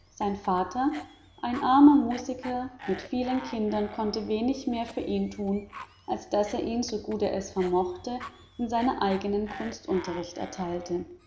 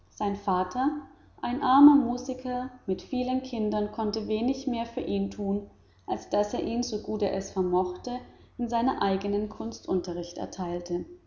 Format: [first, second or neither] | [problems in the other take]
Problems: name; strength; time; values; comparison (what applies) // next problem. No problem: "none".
second | background sound (Cough); 19 dB below the speech